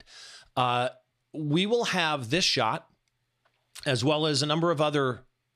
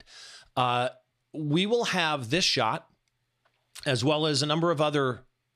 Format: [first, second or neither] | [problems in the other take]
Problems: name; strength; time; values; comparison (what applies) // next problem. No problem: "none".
neither | none